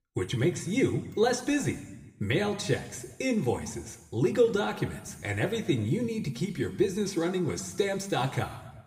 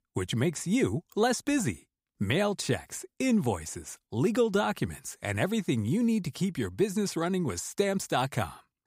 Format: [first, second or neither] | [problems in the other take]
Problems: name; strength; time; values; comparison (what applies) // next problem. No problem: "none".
second | room echo; slight; dies away in 1 s // off-mic speech; somewhat distant